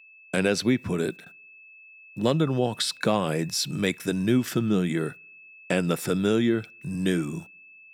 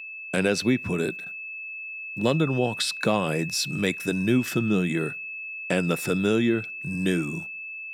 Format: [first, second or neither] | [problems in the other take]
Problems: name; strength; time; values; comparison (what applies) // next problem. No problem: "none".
first | high-pitched whine; loud; throughout; 2.5 kHz, 8 dB below the speech; faint in the first